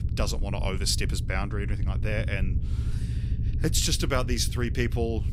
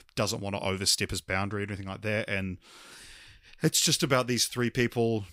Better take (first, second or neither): second